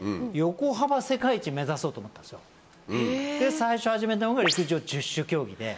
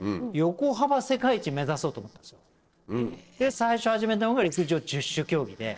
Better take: first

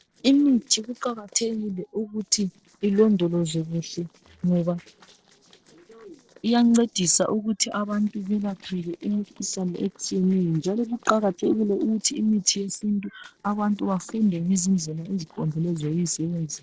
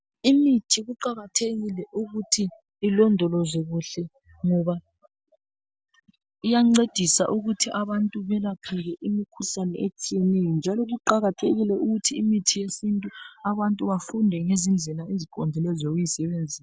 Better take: second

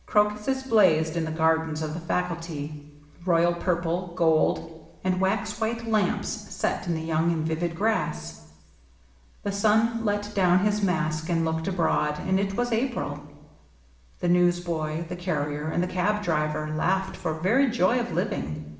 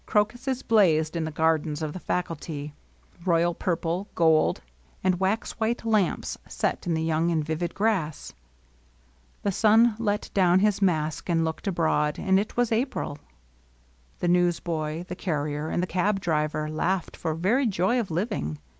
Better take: second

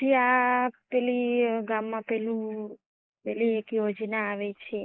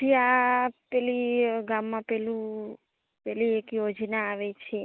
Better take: second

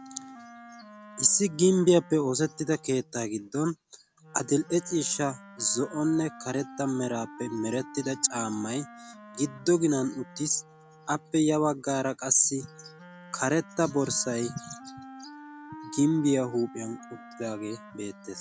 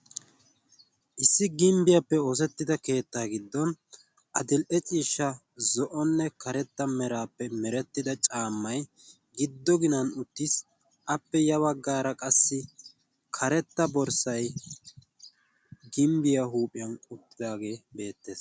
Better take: second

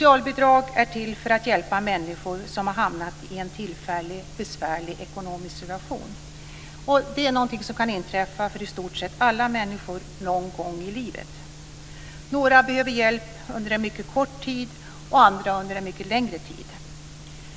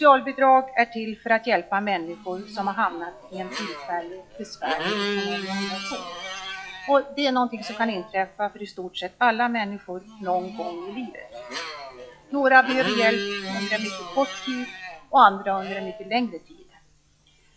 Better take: first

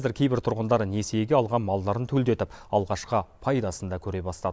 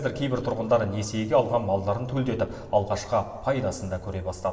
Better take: first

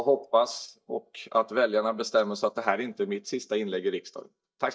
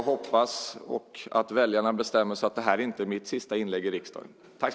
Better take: second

